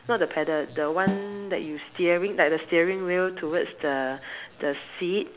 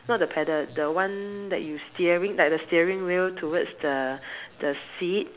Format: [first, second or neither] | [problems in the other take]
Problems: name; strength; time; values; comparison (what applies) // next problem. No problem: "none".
second | background sound (Snare drum); 11 dB below the speech